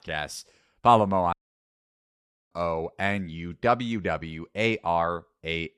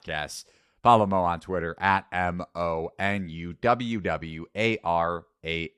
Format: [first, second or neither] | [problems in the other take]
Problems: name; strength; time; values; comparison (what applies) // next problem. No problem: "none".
second | audio cutting out; at 1.5 s for 1 s